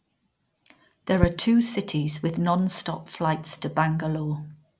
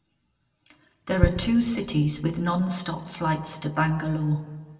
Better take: first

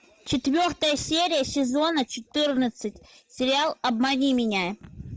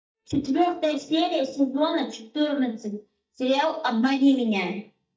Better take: first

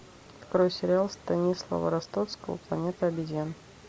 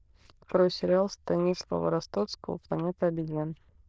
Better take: first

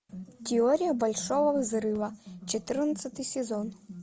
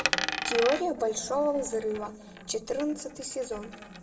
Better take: first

